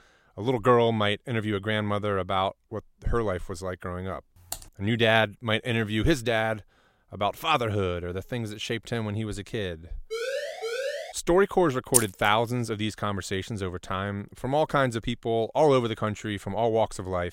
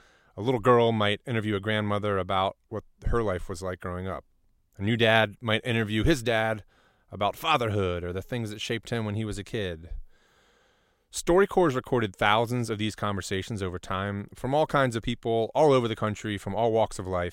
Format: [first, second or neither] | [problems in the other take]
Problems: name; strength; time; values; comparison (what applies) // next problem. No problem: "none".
second | keyboard typing; faint; at 4.5 s; peak 10 dB below the speech // siren; noticeable; from 10 to 11 s; peak 4 dB below the speech // jangling keys; loud; at 12 s; peak 3 dB above the speech